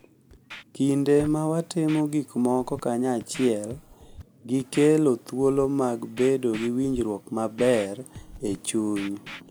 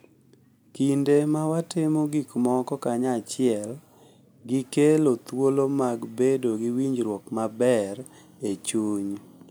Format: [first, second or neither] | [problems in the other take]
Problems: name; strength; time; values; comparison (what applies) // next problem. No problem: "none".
second | background sound (Scratching (performance technique)); 19 dB below the speech